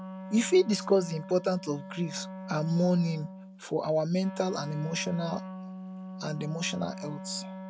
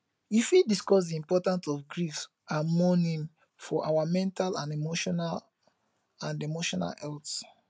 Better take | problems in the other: second | background sound (Wind instrument, woodwind instrument); 11 dB below the speech

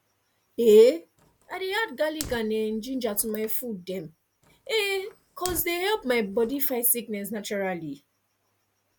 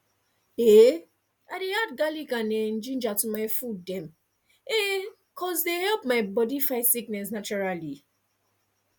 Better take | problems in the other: second | background sound (Fire); 19 dB below the speech

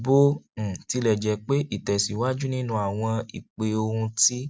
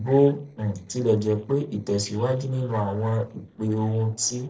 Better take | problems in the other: first | noise reduction (neural separator model SepFormer DNS4)

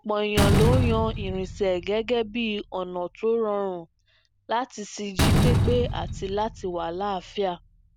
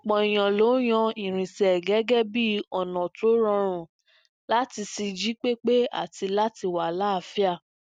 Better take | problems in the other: second | background sound (Slam); as loud as the speech

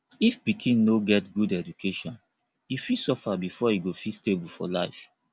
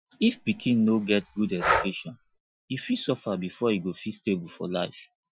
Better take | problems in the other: first | noise reduction (classical method Wiener filter)

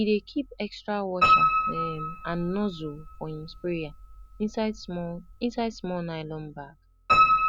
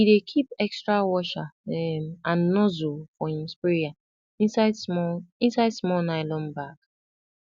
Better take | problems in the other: second | background sound (Piano); 3 dB above the speech

